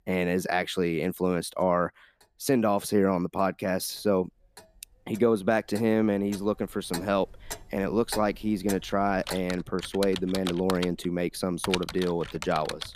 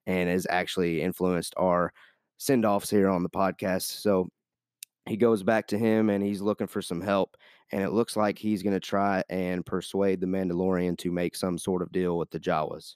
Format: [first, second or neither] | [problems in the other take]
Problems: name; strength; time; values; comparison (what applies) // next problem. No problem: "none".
second | household noises; noticeable; throughout; 10 dB below the speech